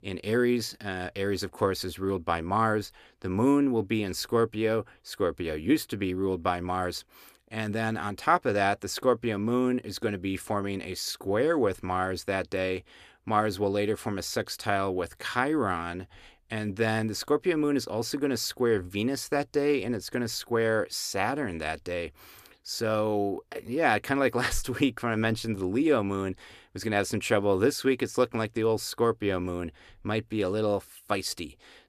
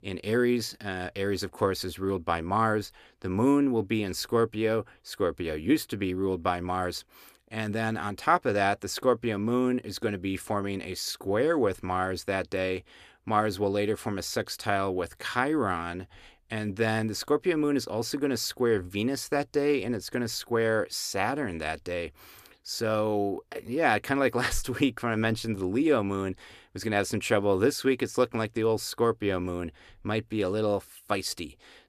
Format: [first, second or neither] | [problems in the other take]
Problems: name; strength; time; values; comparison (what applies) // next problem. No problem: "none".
neither | none